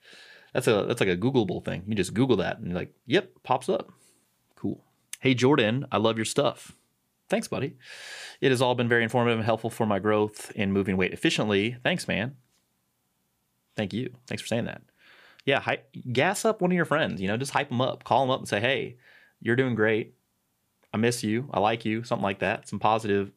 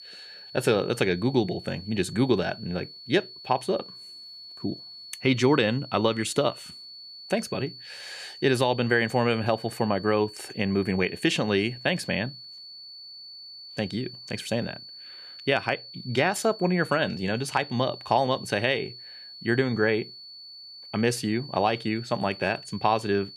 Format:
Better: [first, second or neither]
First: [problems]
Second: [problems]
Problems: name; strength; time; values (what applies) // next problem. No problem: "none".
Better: first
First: none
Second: high-pitched whine; noticeable; throughout; 4.5 kHz, 15 dB below the speech